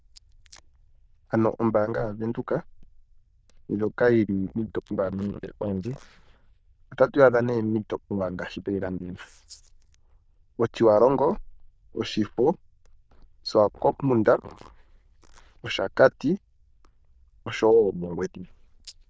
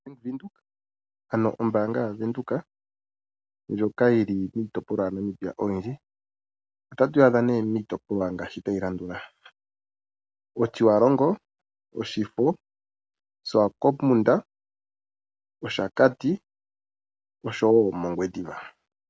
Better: second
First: noise reduction (neural diffusion model UNIVERSE++)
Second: none

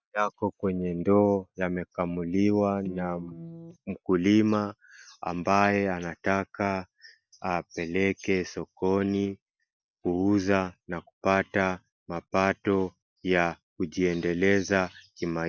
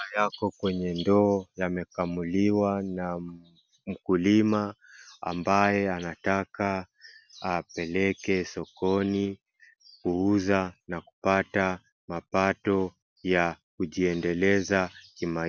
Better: second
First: noise reduction (neural mask model DeepFilterNet 3)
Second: none

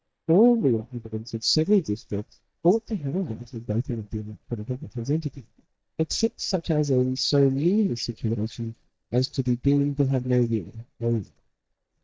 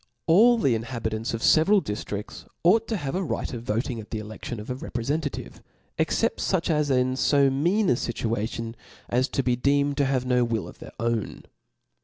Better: second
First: noise reduction (neural mask model DeepFilterNet 3)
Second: none

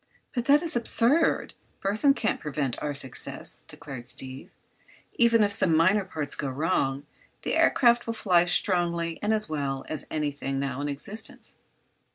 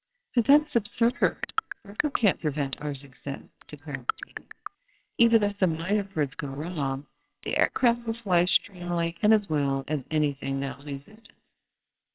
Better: first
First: none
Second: noise reduction (neural separator model SepFormer WHAMR!)

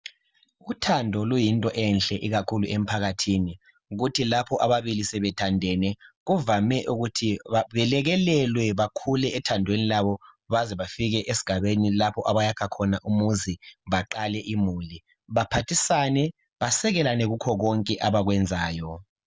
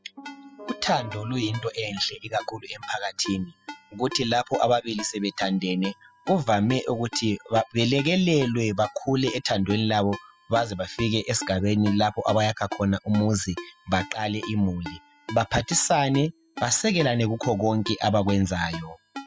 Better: first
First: none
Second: noise reduction (classical method spectral subtraction)

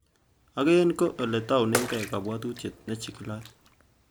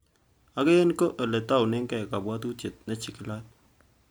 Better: second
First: background sound (Bathtub (filling or washing) / Water / Splash, splatter); 10 dB below the speech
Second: none

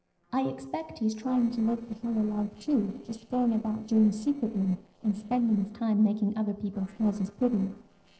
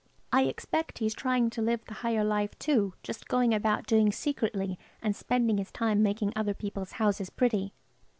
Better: second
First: noise reduction (neural separator model SepFormer DNS4)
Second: none

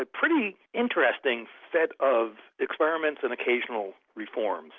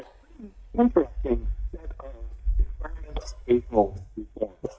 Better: first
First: none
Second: noise reduction (neural mask model DeepFilterNet 3)

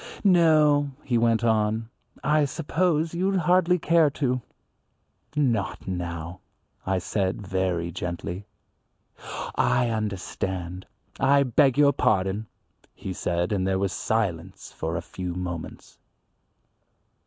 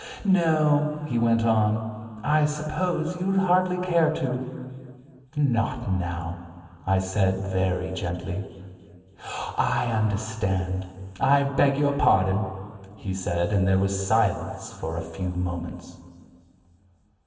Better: first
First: none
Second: room echo; dies away in 2.7 s

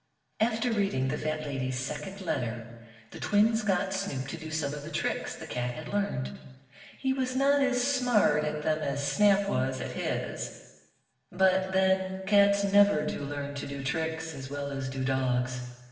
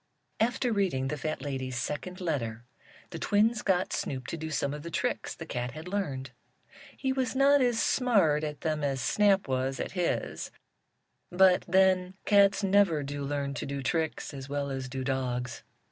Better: second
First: room echo; dies away in 1.2 s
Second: none

